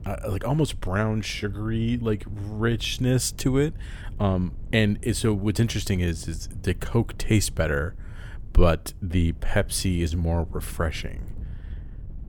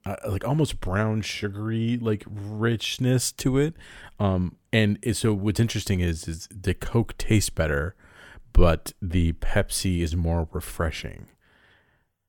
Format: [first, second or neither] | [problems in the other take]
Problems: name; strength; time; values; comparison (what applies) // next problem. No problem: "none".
second | wind noise on the microphone; occasional gusts; 25 dB below the speech